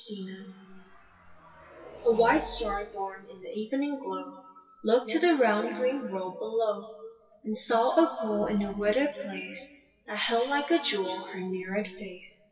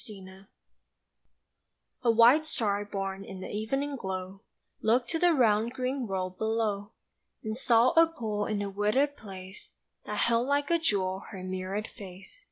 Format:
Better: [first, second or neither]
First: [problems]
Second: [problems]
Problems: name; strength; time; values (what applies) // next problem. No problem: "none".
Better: second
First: noise reduction (classical method WPE with log-MMSE)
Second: none